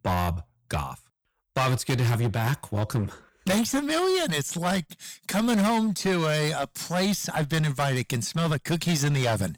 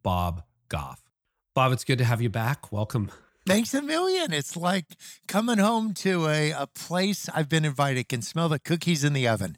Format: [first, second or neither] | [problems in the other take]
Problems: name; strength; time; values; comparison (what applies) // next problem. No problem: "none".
second | distortion; heavy; 15% of the sound clipped